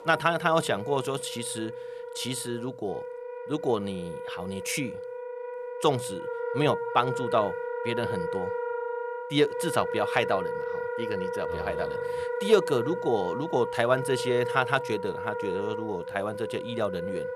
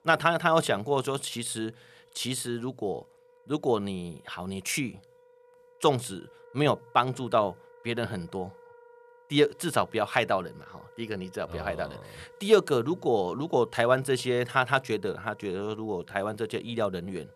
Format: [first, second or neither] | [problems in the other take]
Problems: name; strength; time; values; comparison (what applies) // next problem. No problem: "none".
second | background music; loud; throughout; 5 dB below the speech; faint in the second